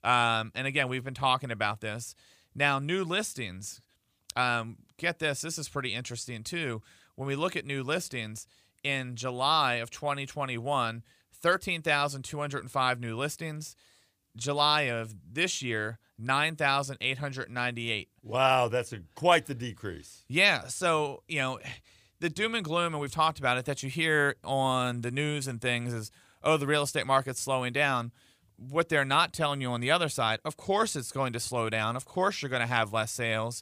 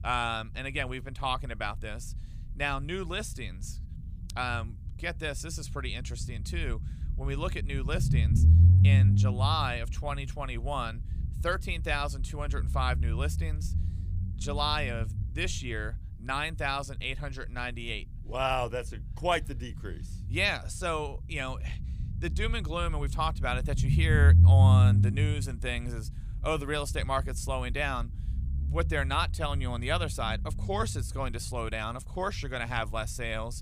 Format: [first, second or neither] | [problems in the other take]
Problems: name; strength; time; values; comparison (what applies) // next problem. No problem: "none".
first | low rumble; noticeable; throughout; 10 dB below the speech